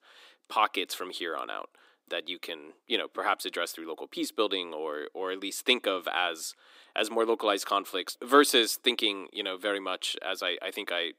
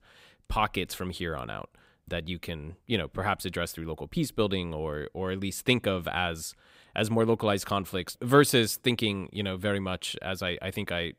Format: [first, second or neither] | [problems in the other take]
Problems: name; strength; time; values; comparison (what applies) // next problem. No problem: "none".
second | thin; somewhat; fading below 300 Hz